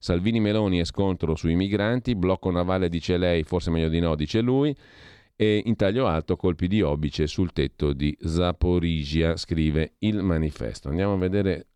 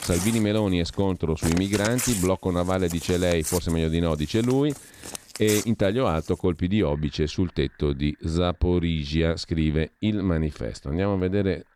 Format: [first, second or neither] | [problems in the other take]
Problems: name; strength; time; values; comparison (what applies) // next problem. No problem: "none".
first | household noises; loud; throughout; 8 dB below the speech